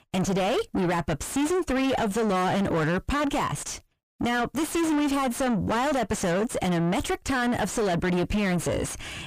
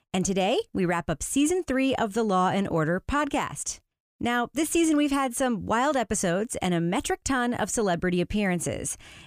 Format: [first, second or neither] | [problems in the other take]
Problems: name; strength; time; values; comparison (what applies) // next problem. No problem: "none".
second | distortion; heavy; 5 dB below the speech